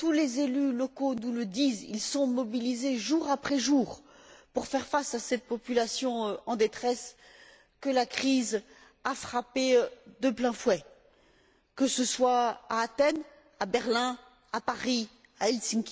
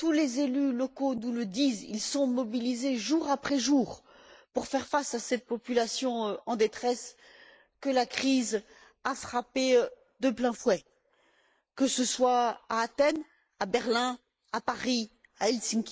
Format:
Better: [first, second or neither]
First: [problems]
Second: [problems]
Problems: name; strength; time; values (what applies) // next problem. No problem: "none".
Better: first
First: none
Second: noise reduction (neural mask model Resemble Enhance denoiser)